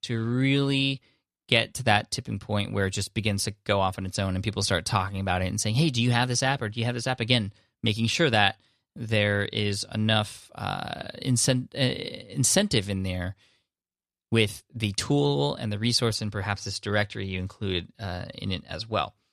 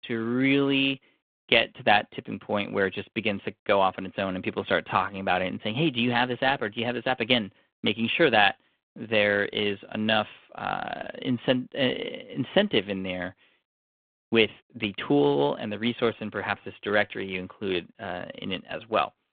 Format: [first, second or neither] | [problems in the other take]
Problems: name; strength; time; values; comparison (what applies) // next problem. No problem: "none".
first | phone-call audio